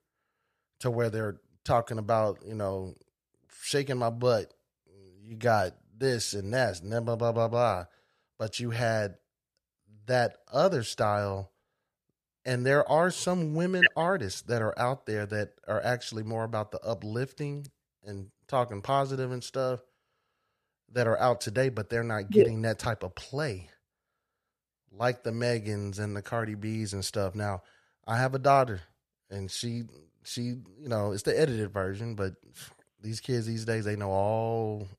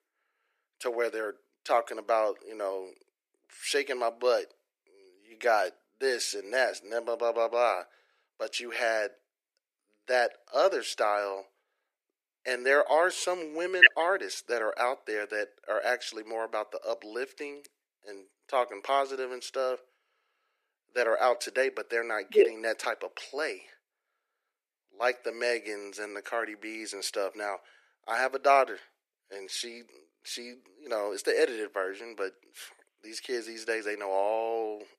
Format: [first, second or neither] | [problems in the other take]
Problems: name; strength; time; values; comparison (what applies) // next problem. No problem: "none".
first | thin; very; fading below 300 Hz